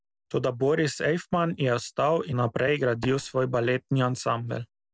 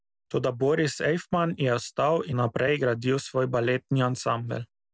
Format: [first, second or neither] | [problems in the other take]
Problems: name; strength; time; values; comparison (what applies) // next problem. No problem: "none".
second | noise reduction (neural separator model SepFormer DNS4)